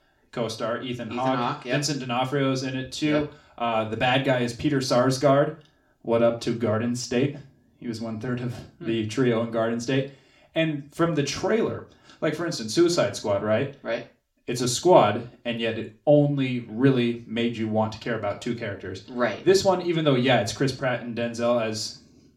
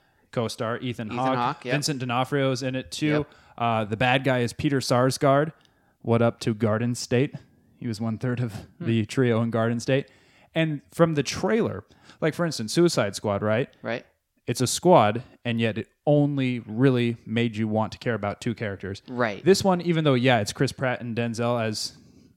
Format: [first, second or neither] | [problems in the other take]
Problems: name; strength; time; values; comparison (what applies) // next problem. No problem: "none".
second | room echo; very slight; dies away in 0.3 s // off-mic speech; somewhat distant